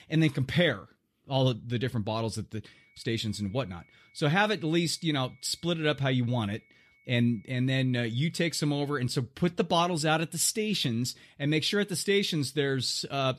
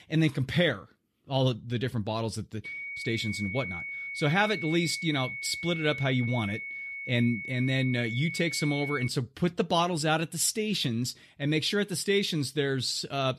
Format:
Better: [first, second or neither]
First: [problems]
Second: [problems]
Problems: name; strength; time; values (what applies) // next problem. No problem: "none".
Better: first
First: high-pitched whine; faint; from 2.5 to 9 s; 2 kHz, 30 dB below the speech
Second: high-pitched whine; loud; from 2.5 to 9 s; 2 kHz, 6 dB below the speech